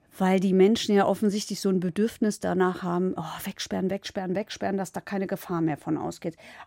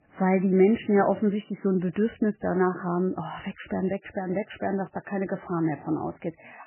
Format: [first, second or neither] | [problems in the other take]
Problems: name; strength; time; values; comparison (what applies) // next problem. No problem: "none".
first | garbled, watery; badly; nothing above 3 kHz